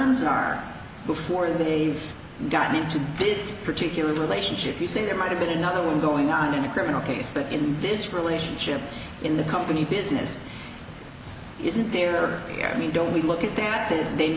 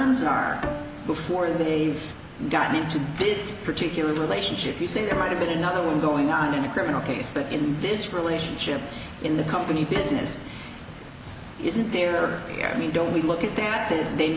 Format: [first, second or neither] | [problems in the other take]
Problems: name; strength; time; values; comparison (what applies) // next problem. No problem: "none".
first | background sound (Bowed string instrument); 12 dB below the speech